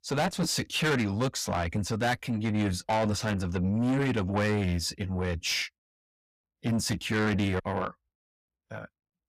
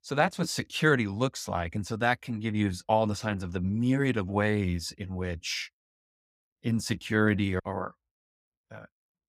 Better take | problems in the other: second | distortion; heavy; 6 dB below the speech

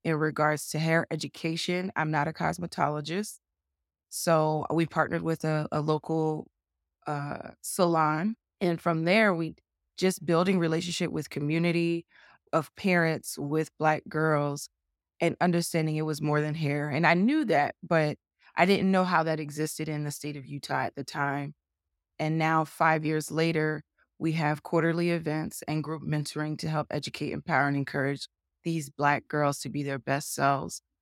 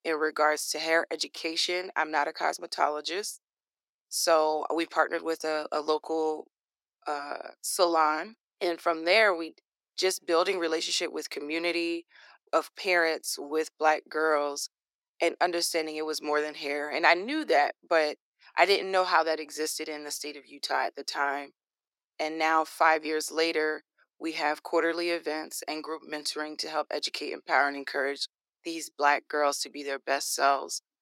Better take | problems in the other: first | thin; very; fading below 350 Hz

